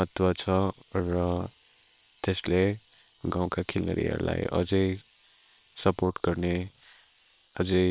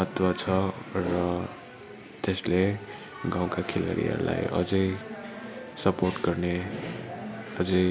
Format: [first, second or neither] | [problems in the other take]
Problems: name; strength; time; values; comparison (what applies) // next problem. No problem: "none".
second | noise reduction (neural separator model SepFormer WHAM!)